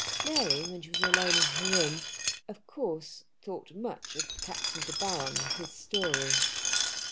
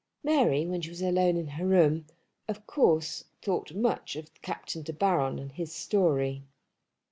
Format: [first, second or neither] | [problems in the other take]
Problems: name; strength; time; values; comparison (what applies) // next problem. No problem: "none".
second | background sound (Glass); 5 dB above the speech